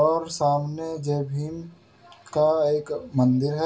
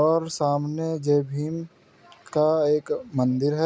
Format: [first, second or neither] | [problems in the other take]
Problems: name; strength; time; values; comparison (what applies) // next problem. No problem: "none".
second | room echo; dies away in 0.2 s